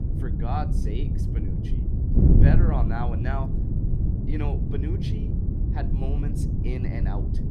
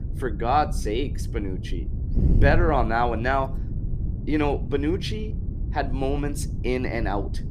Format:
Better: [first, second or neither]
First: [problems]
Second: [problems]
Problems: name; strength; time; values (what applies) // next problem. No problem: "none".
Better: second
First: wind noise on the microphone; heavy; as loud as the speech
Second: wind noise on the microphone; occasional gusts; 15 dB below the speech